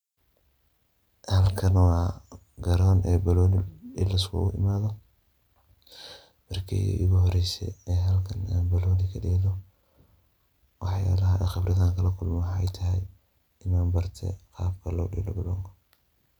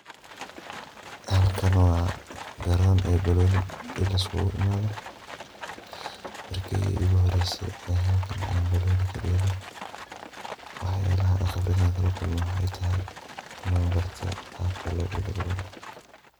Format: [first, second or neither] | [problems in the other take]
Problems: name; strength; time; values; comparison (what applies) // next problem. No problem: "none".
first | background sound (Livestock, farm animals, working animals); 14 dB below the speech